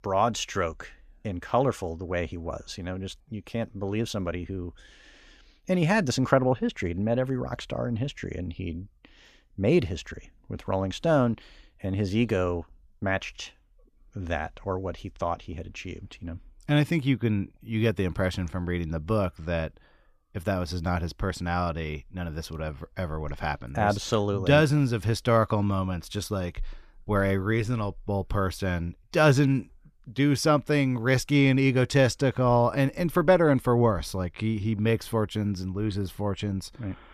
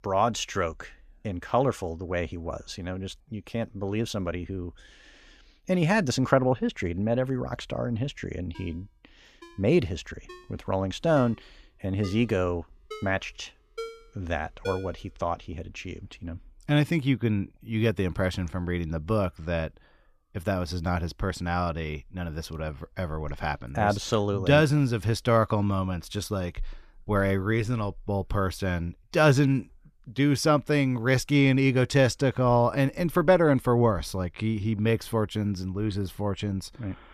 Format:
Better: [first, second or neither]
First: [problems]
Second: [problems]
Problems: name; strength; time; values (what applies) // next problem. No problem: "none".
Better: first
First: none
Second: phone ringing; faint; from 8.5 to 15 s; peak 10 dB below the speech